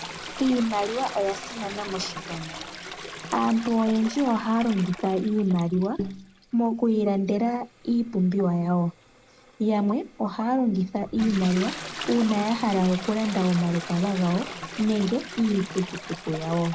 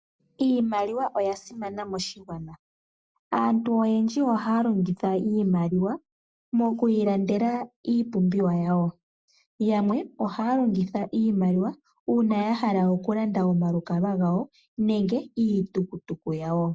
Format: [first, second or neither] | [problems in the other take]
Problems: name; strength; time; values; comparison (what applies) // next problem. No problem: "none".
second | background sound (Toilet flush); 13 dB below the speech